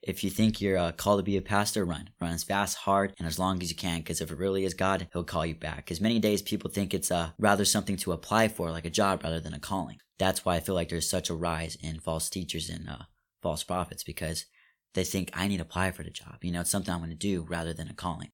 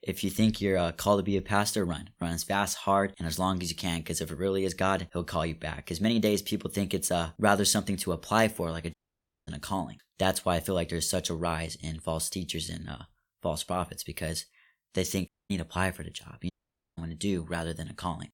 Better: first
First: none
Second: audio cutting out; at 9 s for 0.5 s, at 15 s and at 17 s

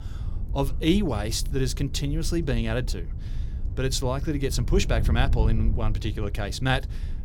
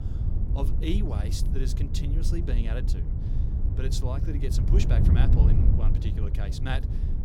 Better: first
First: wind noise on the microphone; occasional gusts; 15 dB below the speech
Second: wind noise on the microphone; heavy; 3 dB below the speech

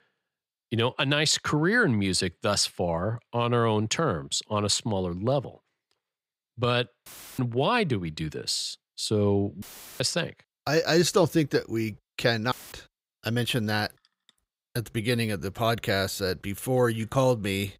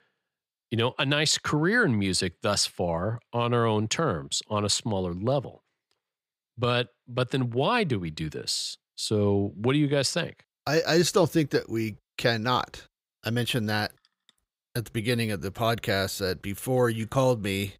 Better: second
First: audio cutting out; filled with static; at 7 s, at 9.5 s and at 13 s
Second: none

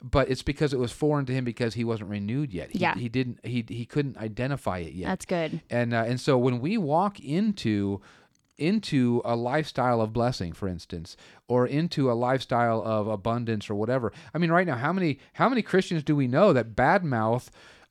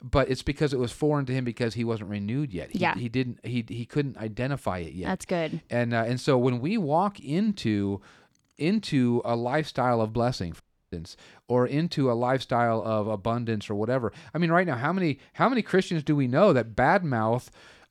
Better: first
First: none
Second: audio cutting out; at 11 s

